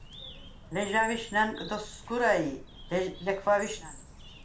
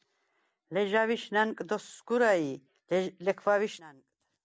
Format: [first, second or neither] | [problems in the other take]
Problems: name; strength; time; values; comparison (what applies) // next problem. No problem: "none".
second | background sound (Bird); 15 dB below the speech // room echo; dies away in 0.3 s